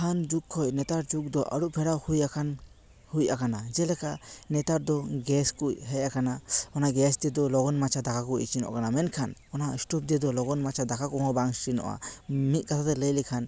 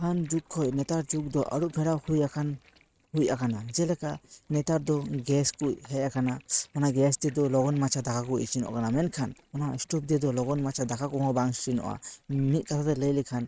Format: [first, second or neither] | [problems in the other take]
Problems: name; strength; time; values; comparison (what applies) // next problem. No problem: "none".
first | noise reduction (neural mask model RNNoise)